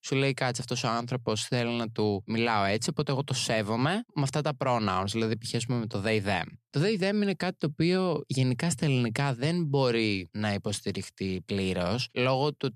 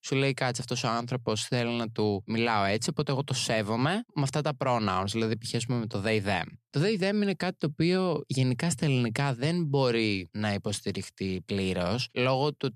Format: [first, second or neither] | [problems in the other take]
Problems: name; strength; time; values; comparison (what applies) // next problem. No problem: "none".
neither | none